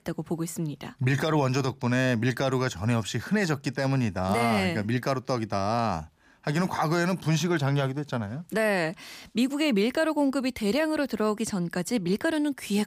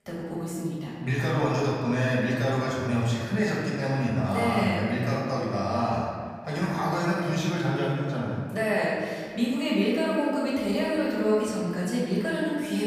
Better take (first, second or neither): first